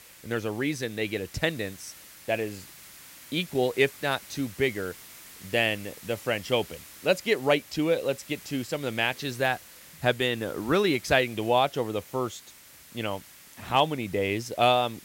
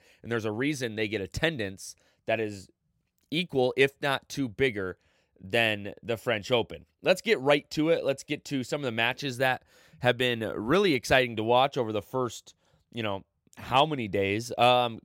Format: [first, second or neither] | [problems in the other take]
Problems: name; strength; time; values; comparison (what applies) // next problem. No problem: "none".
second | hiss; noticeable; throughout; 20 dB below the speech